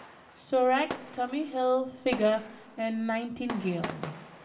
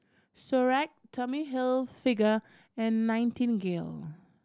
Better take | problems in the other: second | background sound (Fireworks); 13 dB below the speech // room echo; dies away in 1.3 s

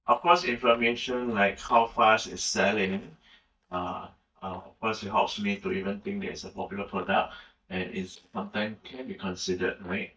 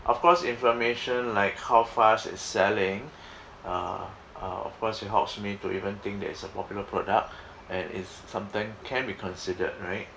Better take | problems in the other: second | noise reduction (neural mask model DeepFilterNet 3)

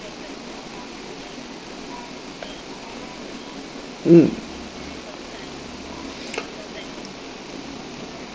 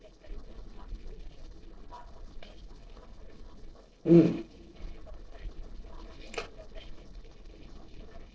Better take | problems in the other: first | noise reduction (neural separator model SepFormer DNS4)

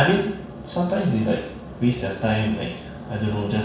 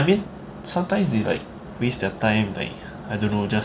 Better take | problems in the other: second | room echo; dies away in 0.7 s

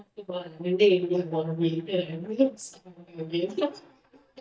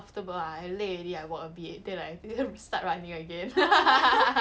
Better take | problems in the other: second | noise reduction (neural mask model DeepFilterNet 3)

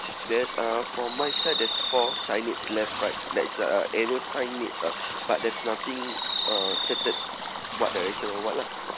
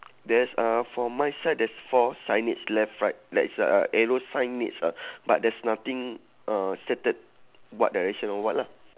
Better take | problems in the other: second | background sound (Stream + Fireworks); 2 dB below the speech

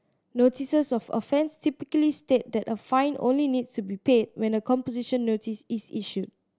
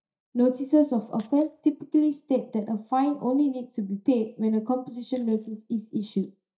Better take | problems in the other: first | noise reduction (neural mask model DeepFilterNet 3)

